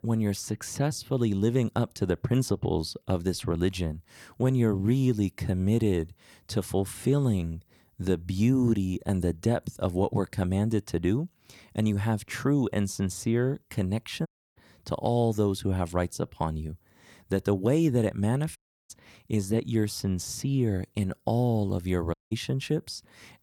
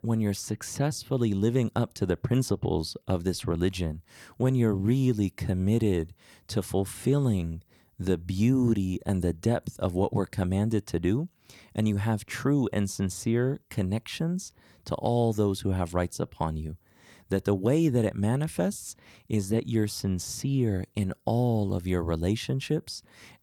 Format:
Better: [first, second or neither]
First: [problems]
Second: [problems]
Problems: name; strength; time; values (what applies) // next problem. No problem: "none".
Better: second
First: audio cutting out; at 14 s, at 19 s and at 22 s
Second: none